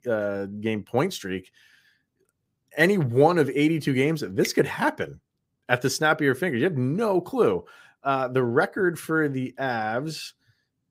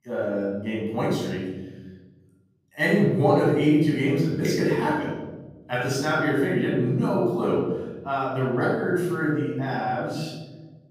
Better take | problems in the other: first | off-mic speech; far // room echo; noticeable; dies away in 1.4 s

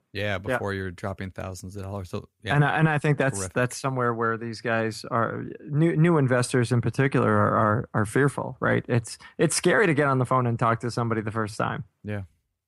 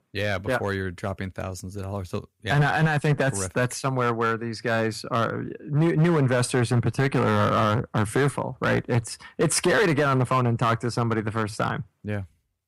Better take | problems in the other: first | distortion; slight; 6% of the sound clipped

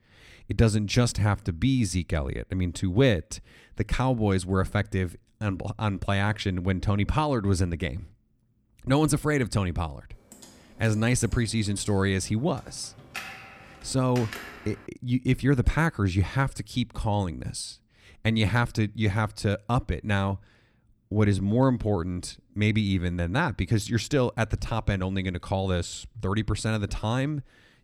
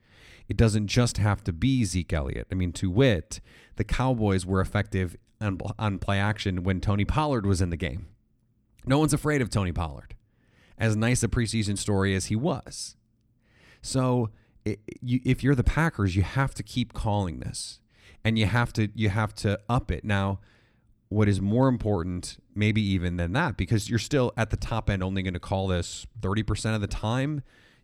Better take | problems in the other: second | keyboard typing; faint; from 10 to 15 s; peak 10 dB below the speech

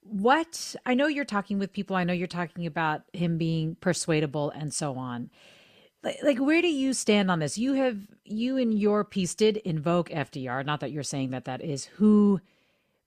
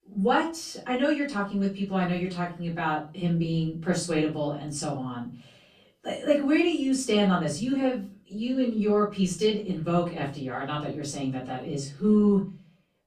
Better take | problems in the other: first | off-mic speech; far // room echo; slight; dies away in 0.3 s

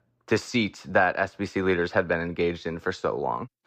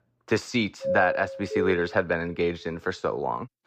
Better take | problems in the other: first | doorbell; noticeable; from 1 to 2 s; peak 1 dB below the speech

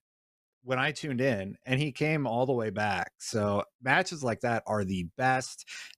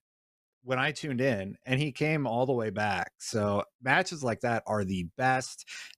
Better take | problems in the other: neither | none

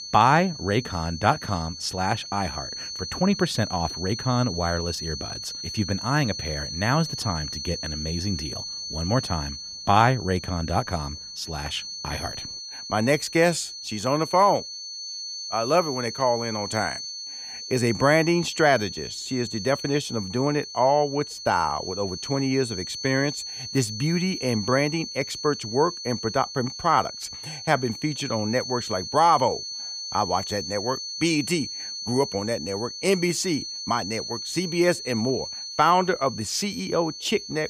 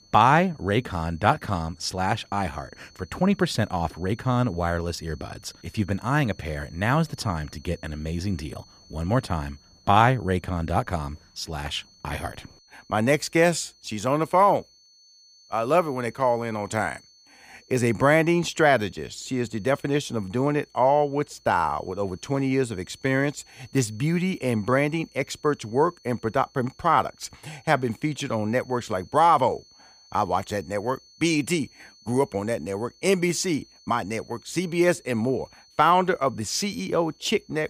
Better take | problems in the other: second | high-pitched whine; loud; throughout; 4.5 kHz, 7 dB below the speech; faint in the second

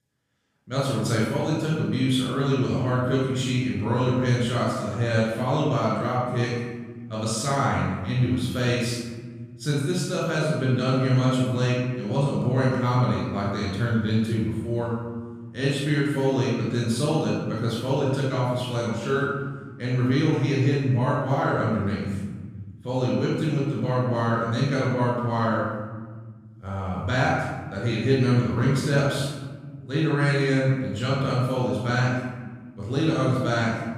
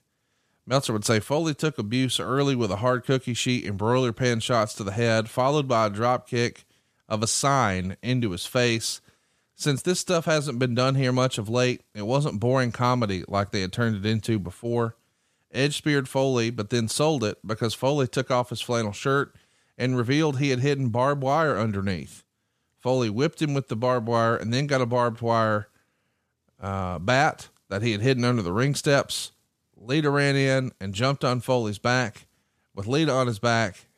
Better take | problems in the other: second | off-mic speech; far // room echo; strong; dies away in 1.7 s

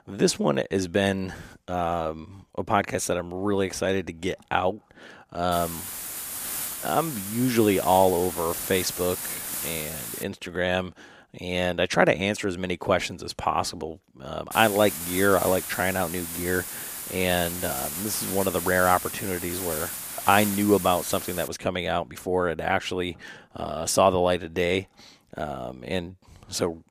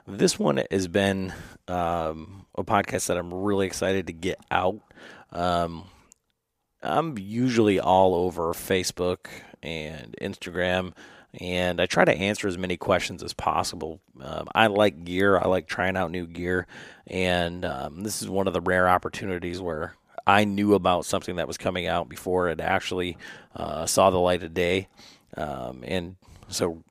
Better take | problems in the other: second | hiss; loud; from 5.5 to 10 s and from 15 to 21 s; 6 dB below the speech

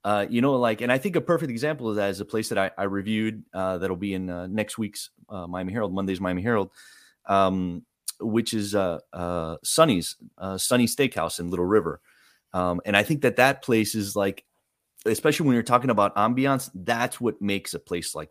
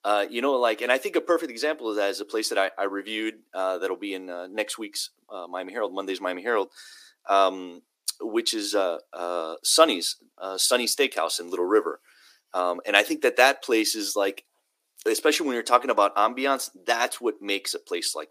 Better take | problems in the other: first | thin; somewhat; fading below 300 Hz

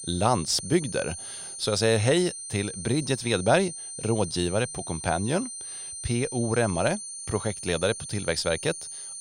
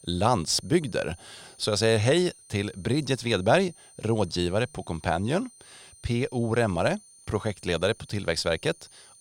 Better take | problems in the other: second | high-pitched whine; loud; throughout; 9 kHz, 8 dB below the speech; faint in the second

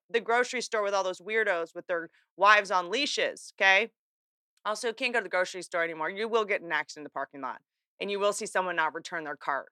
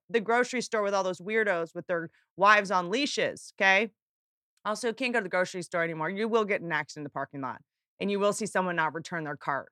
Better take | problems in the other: second | thin; somewhat; fading below 350 Hz

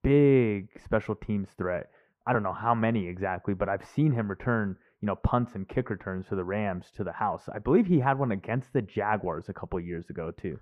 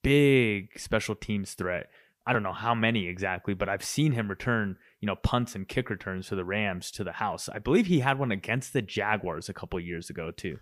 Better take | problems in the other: second | muffled; very; fading above 2.5 kHz

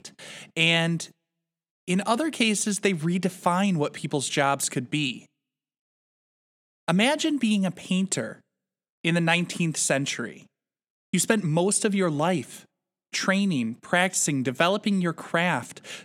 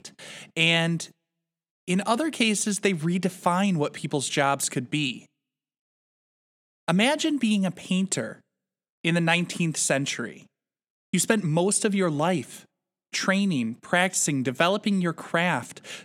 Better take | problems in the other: neither | none

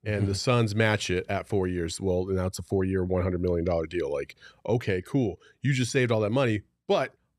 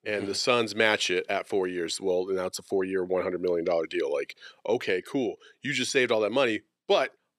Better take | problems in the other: first | thin; somewhat; fading below 350 Hz

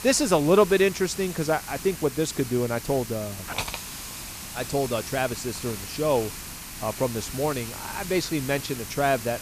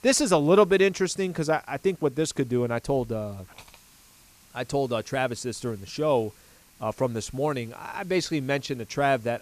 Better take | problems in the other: second | hiss; loud; throughout; 9 dB below the speech; faint in the second

